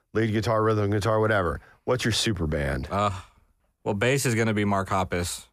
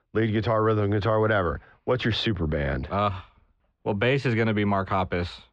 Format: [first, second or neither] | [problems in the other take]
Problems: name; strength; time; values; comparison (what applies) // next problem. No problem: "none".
first | muffled; slightly; fading above 3.5 kHz